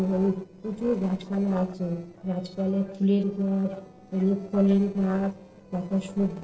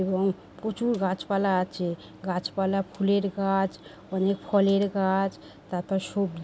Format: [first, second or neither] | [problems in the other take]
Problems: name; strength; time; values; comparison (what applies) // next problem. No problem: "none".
second | noise reduction (neural separator model SepFormer DNS4)